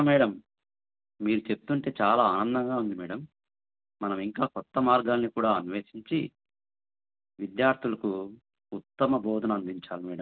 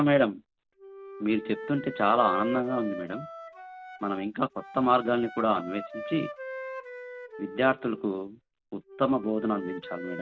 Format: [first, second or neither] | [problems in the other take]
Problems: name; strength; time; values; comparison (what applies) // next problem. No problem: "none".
first | background sound (Wind instrument, woodwind instrument); 12 dB below the speech